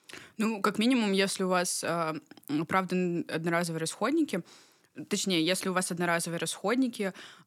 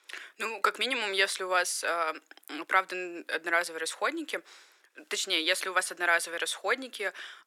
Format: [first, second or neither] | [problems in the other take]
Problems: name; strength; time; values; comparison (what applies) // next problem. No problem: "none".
first | thin; very; fading below 400 Hz